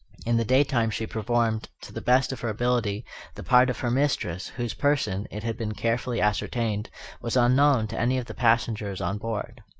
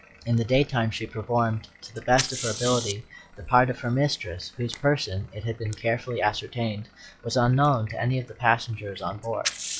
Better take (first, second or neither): first